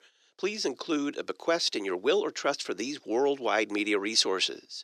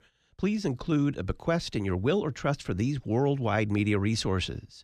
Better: second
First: thin; somewhat; fading below 350 Hz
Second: none

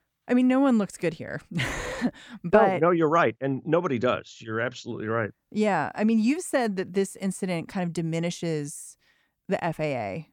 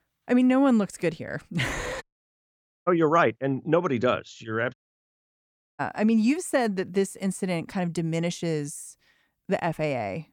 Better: first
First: none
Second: audio cutting out; at 2 s for 1 s and at 4.5 s for 1 s

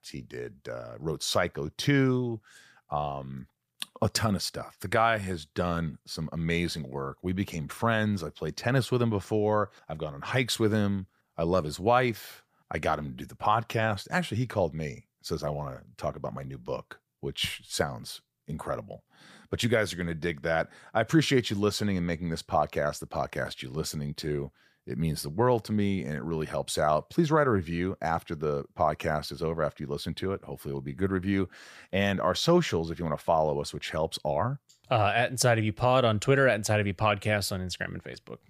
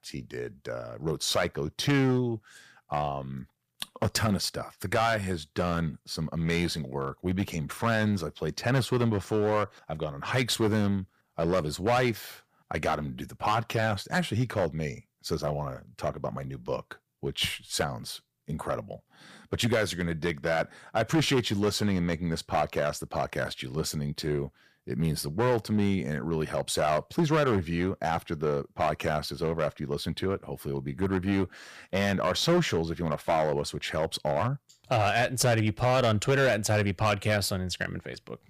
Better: first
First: none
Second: distortion; slight; 6% of the sound clipped

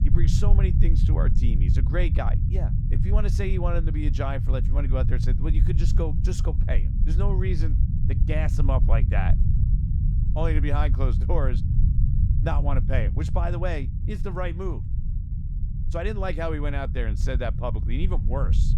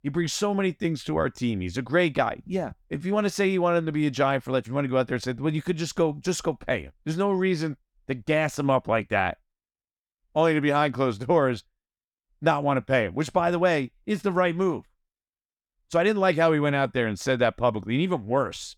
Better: second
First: low rumble; loud; throughout; 7 dB below the speech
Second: none

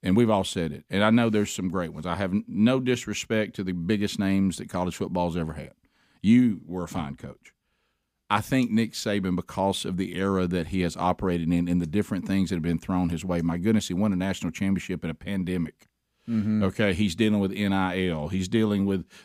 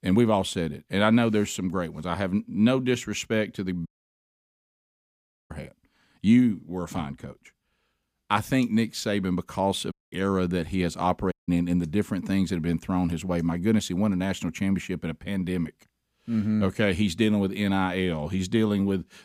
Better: first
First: none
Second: audio cutting out; at 4 s for 1.5 s, at 10 s and at 11 s

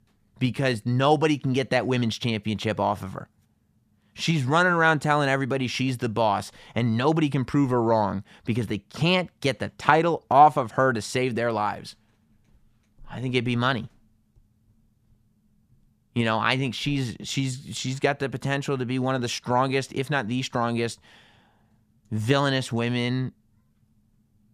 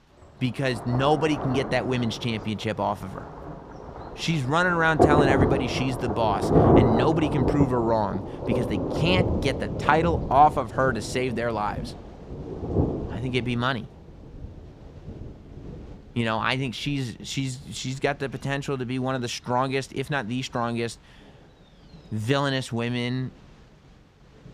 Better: first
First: none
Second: rain or running water; loud; throughout; 1 dB below the speech

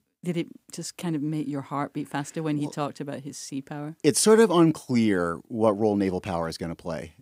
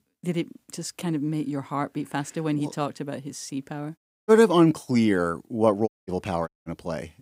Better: first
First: none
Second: audio cutting out; at 4 s, at 6 s and at 6.5 s

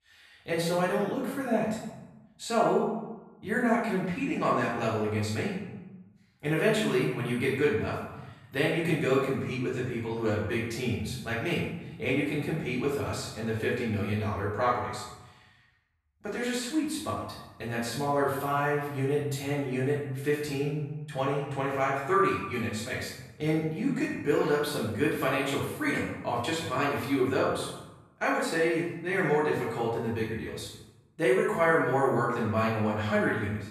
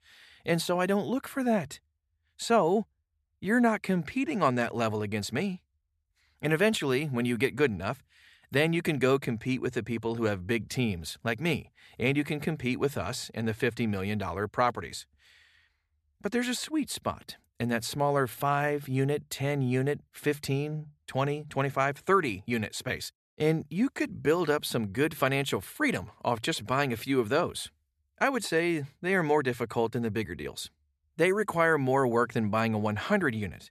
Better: second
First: room echo; noticeable; dies away in 0.8 s // off-mic speech; far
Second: none

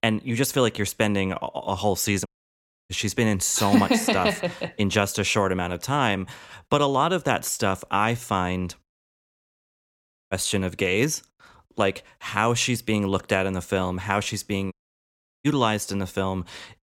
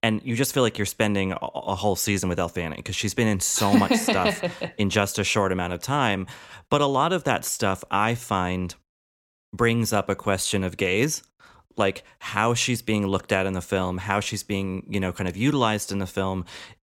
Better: second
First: audio cutting out; at 2.5 s for 0.5 s, at 9.5 s for 1 s and at 15 s for 0.5 s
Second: none

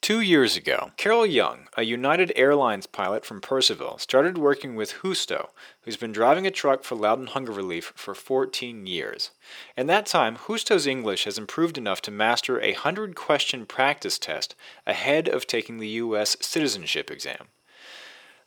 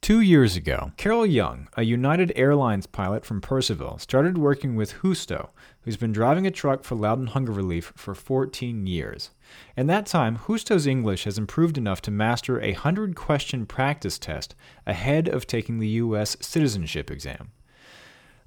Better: second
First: thin; somewhat; fading below 450 Hz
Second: none

